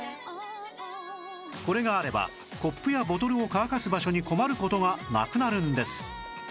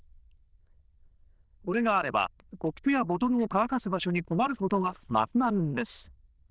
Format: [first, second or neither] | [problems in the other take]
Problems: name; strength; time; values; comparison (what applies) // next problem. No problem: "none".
first | noise reduction (neural diffusion model UNIVERSE++)